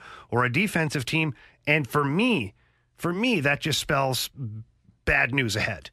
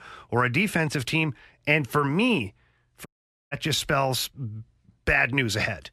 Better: first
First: none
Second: audio cutting out; at 3 s

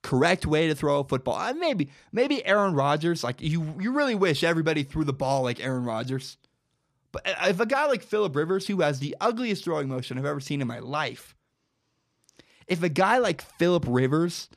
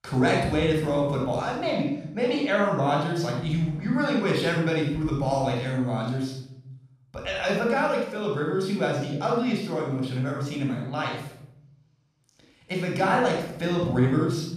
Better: first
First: none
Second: off-mic speech; somewhat distant // room echo; noticeable; dies away in 0.8 s

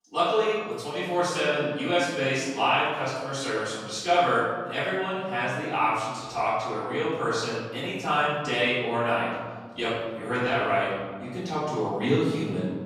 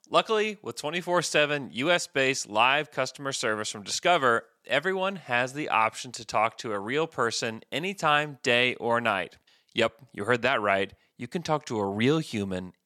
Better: second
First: off-mic speech; far // room echo; strong; dies away in 1.6 s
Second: none

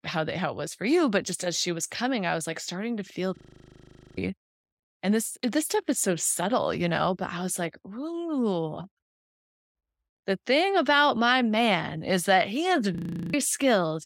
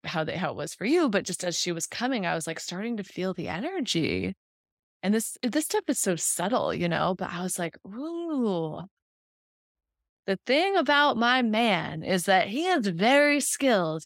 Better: second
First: audio freezing; at 3.5 s for 1 s and at 13 s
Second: none

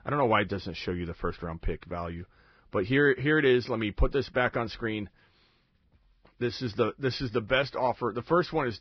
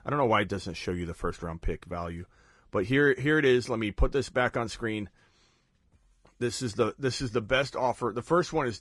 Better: second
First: garbled, watery; badly; nothing above 5.5 kHz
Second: garbled, watery; slightly; nothing above 10.5 kHz

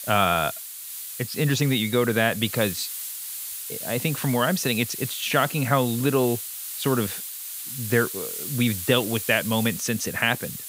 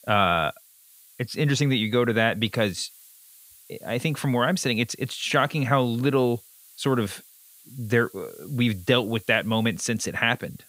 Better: second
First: hiss; loud; throughout; 7 dB below the speech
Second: hiss; faint; throughout; 25 dB below the speech

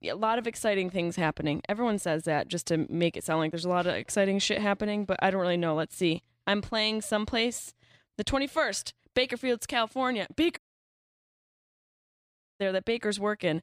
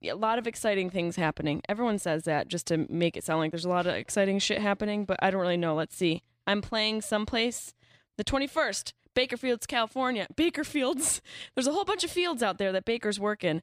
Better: second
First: audio cutting out; at 11 s for 2 s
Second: none

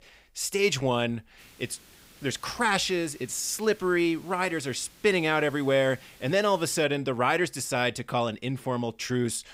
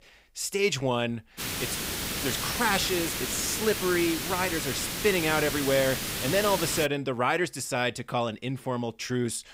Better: first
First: hiss; faint; from 1.5 to 7 s; 25 dB below the speech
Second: hiss; loud; from 1.5 to 7 s; 2 dB below the speech

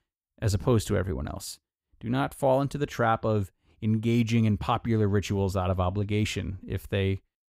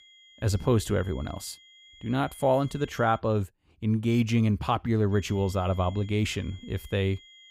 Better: first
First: none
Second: high-pitched whine; faint; until 3 s and from 5 s on; 3.5 kHz, 25 dB below the speech

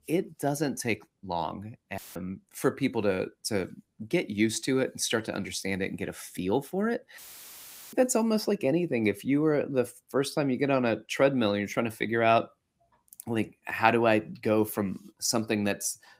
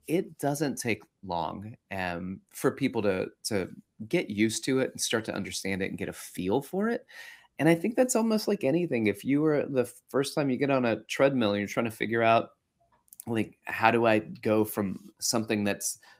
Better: second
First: audio cutting out; filled with static; at 2 s and at 7 s for 1 s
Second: none

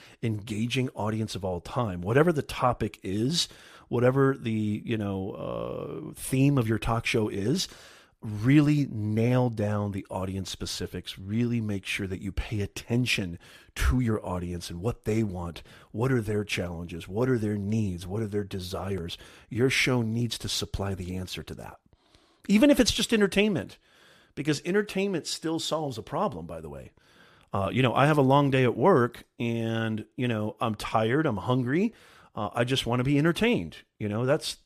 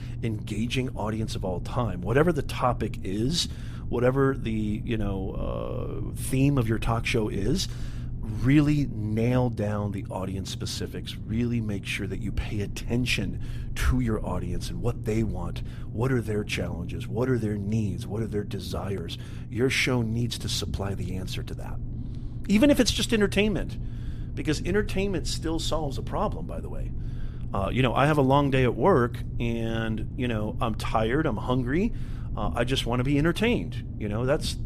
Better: first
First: none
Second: low rumble; noticeable; throughout; 20 dB below the speech

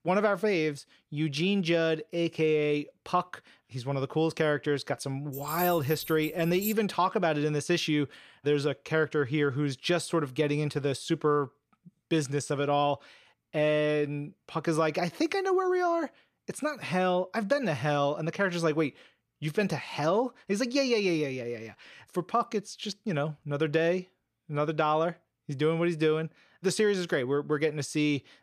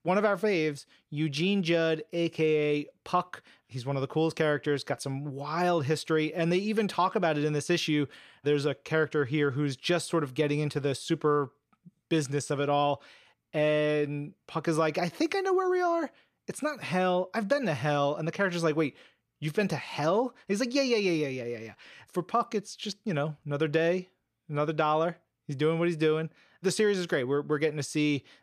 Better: second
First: jangling keys; noticeable; from 5.5 to 6.5 s; peak 7 dB below the speech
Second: none

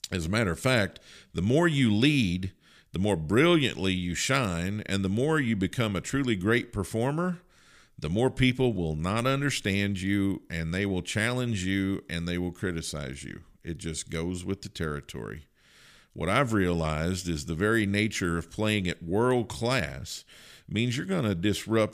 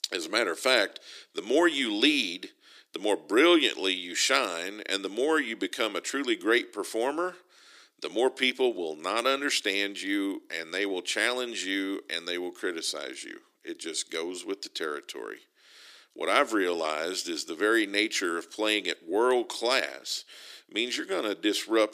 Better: first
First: none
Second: thin; somewhat; fading below 300 Hz

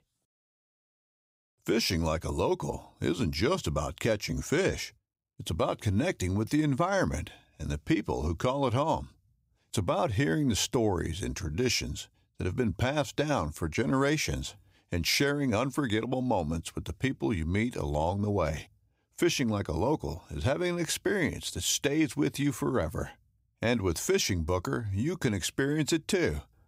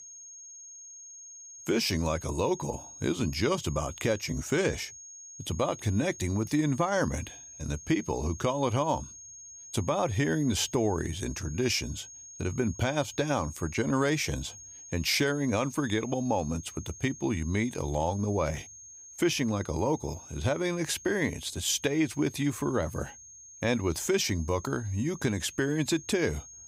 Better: first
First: none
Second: high-pitched whine; noticeable; throughout; 6.5 kHz, 15 dB below the speech

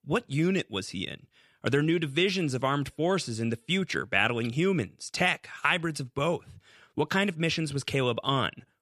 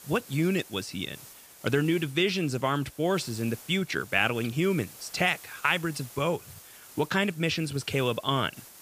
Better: first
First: none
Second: hiss; noticeable; throughout; 20 dB below the speech

